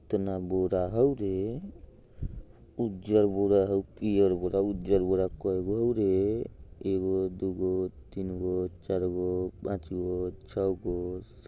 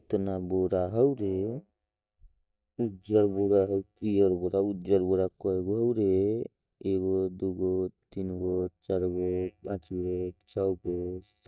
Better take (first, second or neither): first